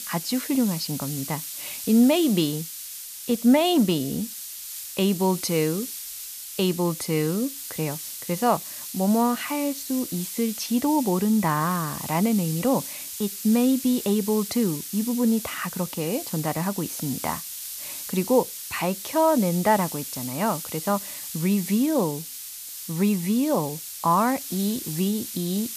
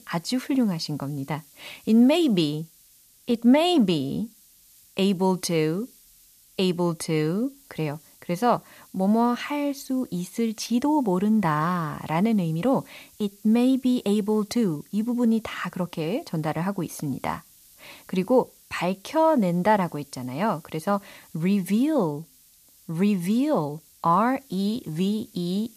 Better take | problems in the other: second | hiss; loud; throughout; 8 dB below the speech; faint in the second

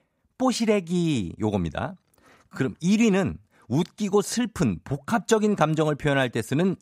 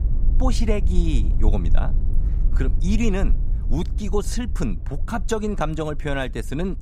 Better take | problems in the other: first | low rumble; noticeable; throughout; 15 dB below the speech

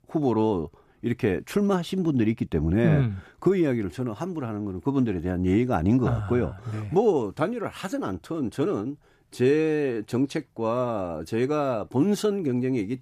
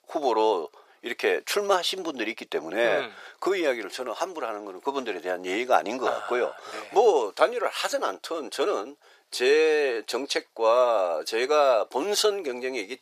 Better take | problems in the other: first | thin; very; fading below 500 Hz

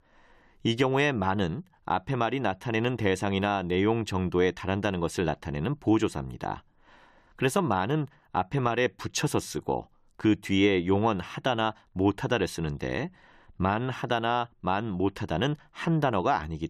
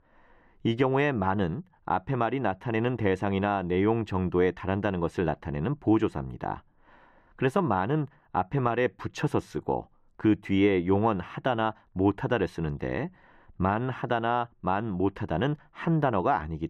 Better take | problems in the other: first | muffled; slightly; fading above 3 kHz

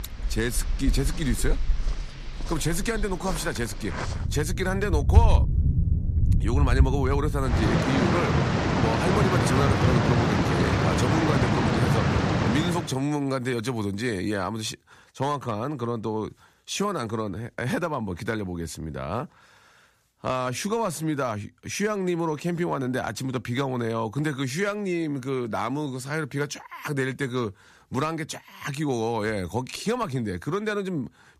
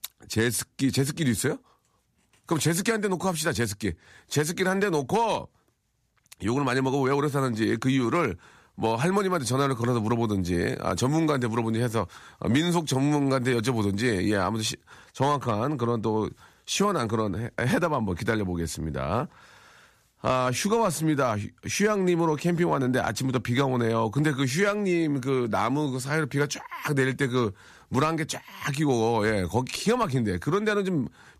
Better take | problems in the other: second | rain or running water; very loud; until 13 s; 4 dB above the speech

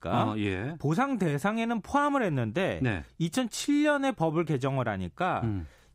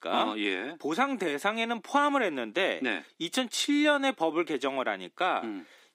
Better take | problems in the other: first | thin; very slightly; fading below 250 Hz

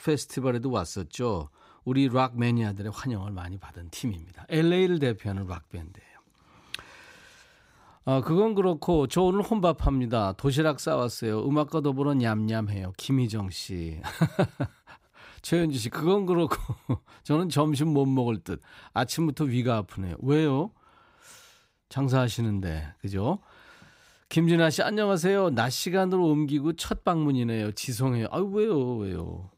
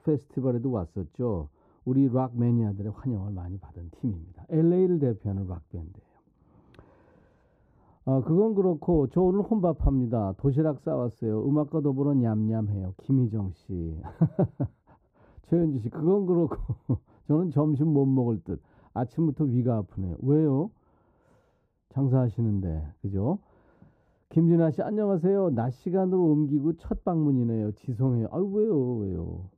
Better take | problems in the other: first | muffled; very; fading above 1 kHz

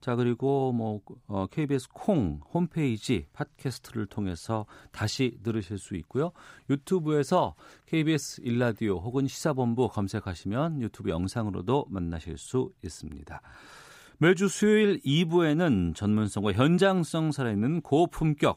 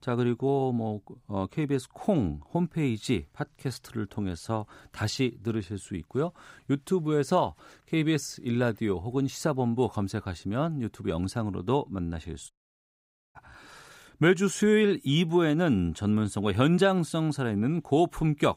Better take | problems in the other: first | audio cutting out; at 13 s for 1 s

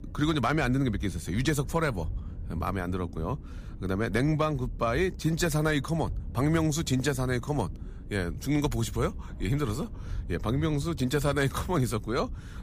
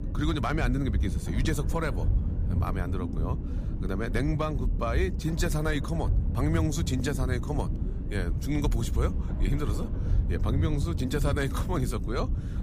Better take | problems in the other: first | low rumble; loud; throughout; 9 dB below the speech; faint in the first

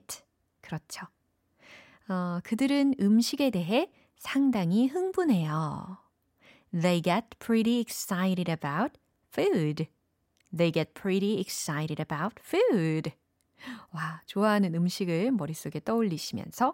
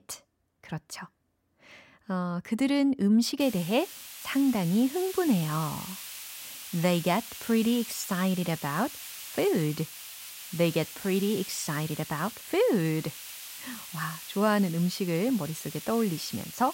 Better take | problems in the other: first | hiss; noticeable; from 3.5 s on; 10 dB below the speech

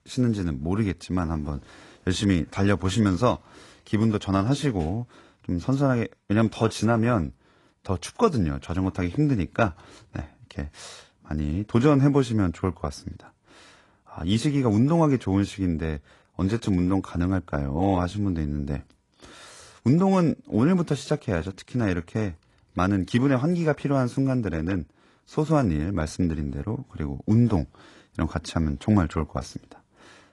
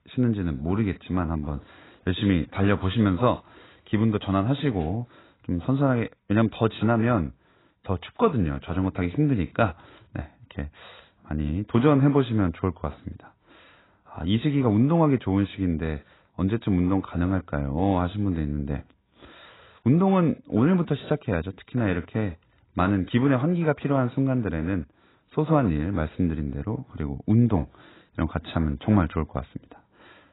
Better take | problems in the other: first | garbled, watery; badly; nothing above 4 kHz; slightly in the first

